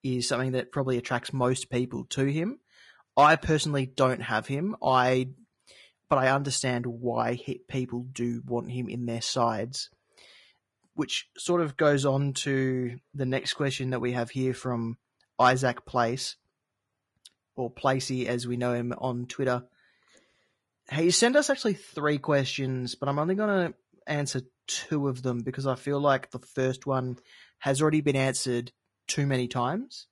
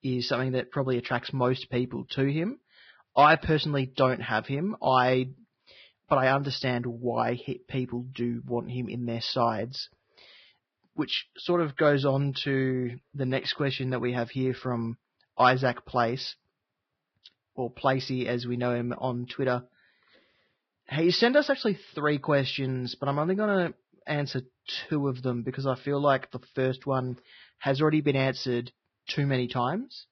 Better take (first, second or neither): first